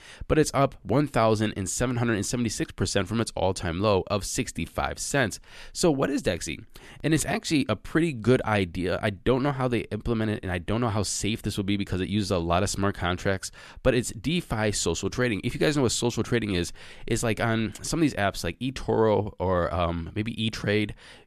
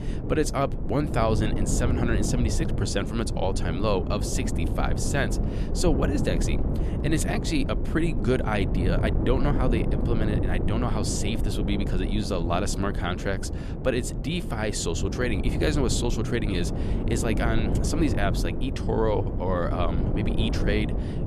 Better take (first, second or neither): first